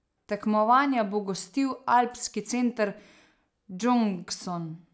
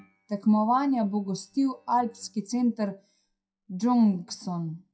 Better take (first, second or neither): first